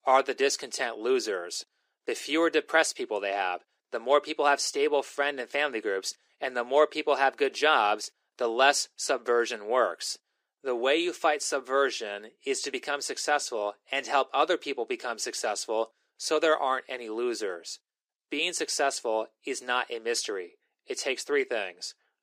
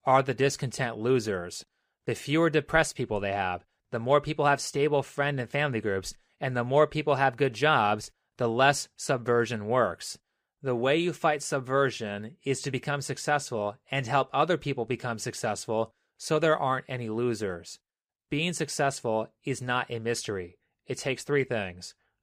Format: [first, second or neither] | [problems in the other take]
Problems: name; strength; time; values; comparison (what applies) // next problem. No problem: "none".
second | thin; somewhat; fading below 300 Hz